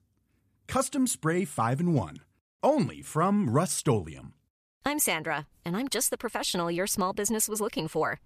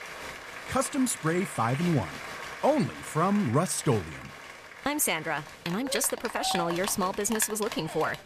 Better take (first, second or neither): first